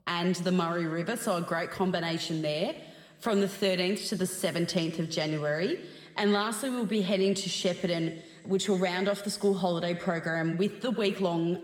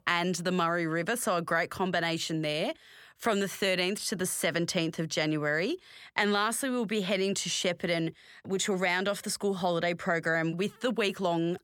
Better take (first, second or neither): second